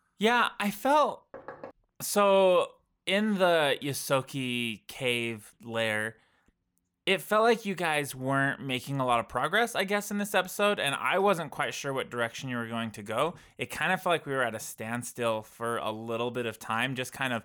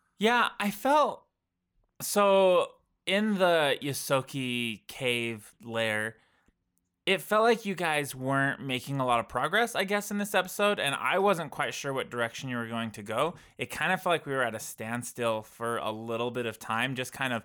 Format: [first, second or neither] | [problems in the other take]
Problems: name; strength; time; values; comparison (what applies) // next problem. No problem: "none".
second | door banging; faint; at 1.5 s; peak 15 dB below the speech